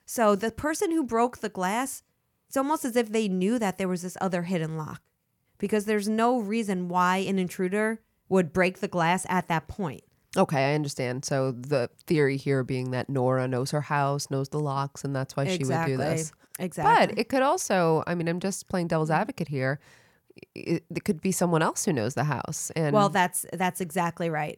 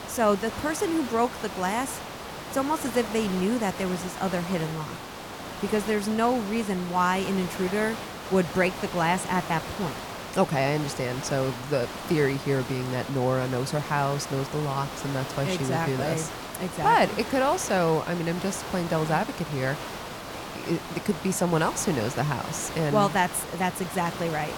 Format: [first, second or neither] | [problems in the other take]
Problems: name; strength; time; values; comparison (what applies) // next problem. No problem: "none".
first | hiss; loud; throughout; 9 dB below the speech